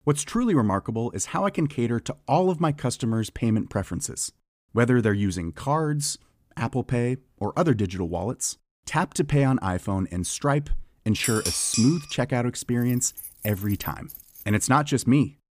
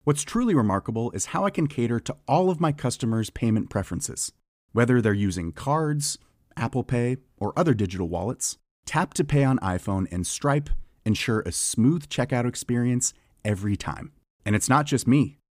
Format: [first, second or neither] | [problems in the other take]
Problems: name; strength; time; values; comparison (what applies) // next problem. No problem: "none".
second | clattering dishes; noticeable; at 11 s; peak 2 dB below the speech // jangling keys; faint; from 13 to 15 s; peak 10 dB below the speech